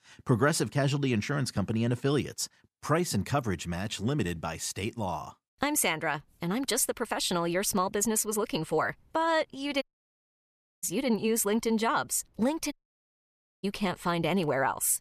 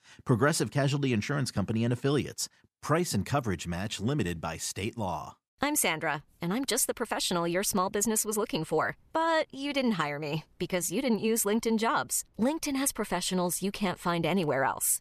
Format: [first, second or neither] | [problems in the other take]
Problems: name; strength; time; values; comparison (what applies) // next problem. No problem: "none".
second | audio cutting out; at 10 s for 1 s and at 13 s for 1 s